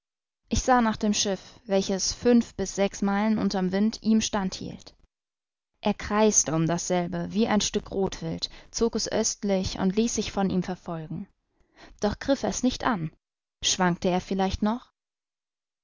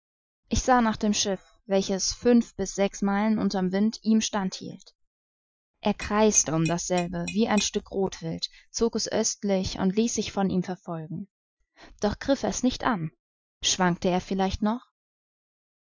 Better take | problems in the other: first | noise reduction (classical method Wiener filter)

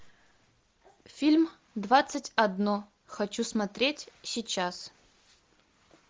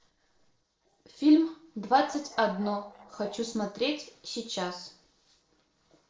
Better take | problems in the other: first | noise reduction (neural separator model SepFormer DNS4)

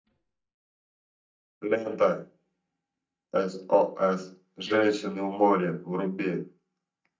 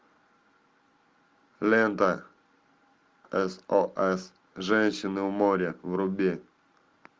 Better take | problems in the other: second | noise reduction (neural mask model DeepFilterNet 3)

